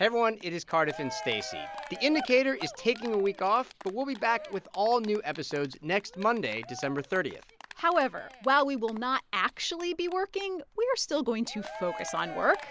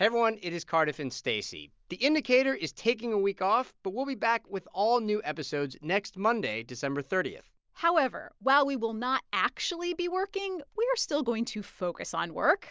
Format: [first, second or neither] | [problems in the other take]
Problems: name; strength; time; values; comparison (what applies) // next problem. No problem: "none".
second | background sound (Cheering); 15 dB below the speech